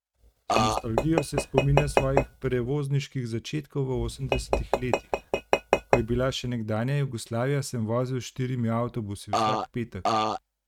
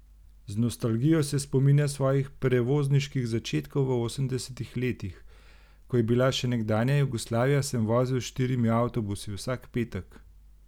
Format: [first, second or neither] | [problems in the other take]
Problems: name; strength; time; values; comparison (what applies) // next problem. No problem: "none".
second | noise reduction (neural mask model RNNoise)